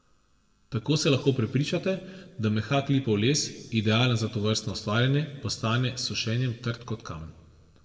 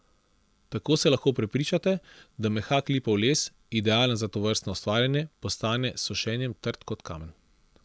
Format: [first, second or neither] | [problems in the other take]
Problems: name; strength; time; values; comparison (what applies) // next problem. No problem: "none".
second | room echo; dies away in 1 s